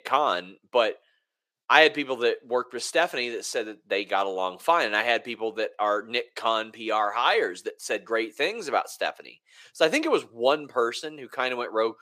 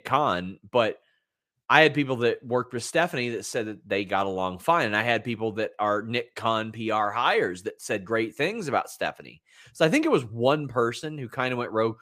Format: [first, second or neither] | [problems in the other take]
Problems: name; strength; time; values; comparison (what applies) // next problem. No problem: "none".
second | thin; somewhat; fading below 450 Hz